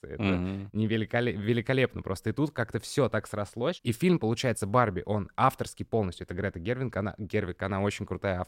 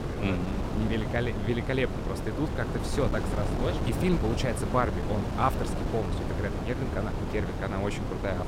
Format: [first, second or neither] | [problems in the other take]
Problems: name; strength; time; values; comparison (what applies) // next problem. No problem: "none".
first | wind noise on the microphone; heavy; 4 dB below the speech